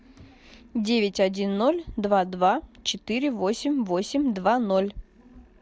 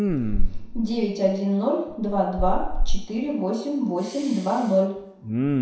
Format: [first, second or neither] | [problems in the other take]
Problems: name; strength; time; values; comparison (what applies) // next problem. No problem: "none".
first | background sound (Respiratory sounds); as loud as the speech // room echo; dies away in 0.7 s